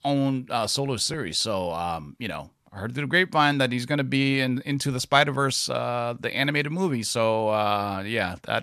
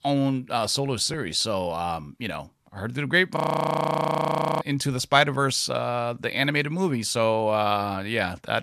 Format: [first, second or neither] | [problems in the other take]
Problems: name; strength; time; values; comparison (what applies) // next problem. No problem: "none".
first | audio freezing; at 3.5 s for 1 s